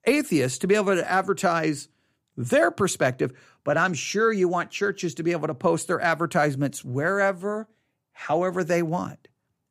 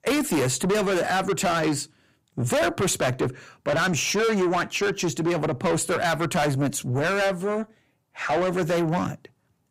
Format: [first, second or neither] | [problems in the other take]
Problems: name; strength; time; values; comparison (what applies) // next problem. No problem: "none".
first | distortion; heavy; 6 dB below the speech